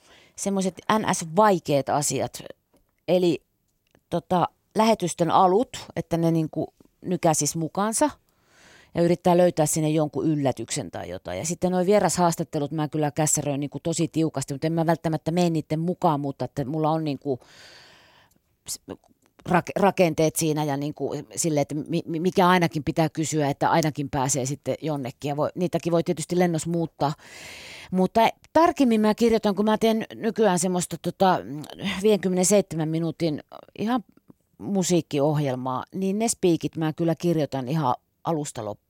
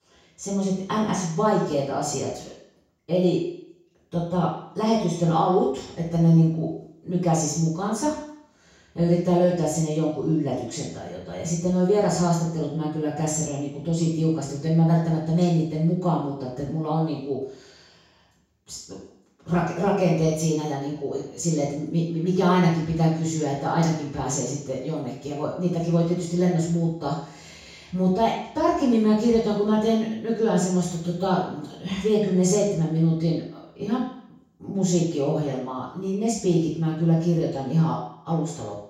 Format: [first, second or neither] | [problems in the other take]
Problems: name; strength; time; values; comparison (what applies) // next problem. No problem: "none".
first | room echo; noticeable; dies away in 0.7 s // off-mic speech; far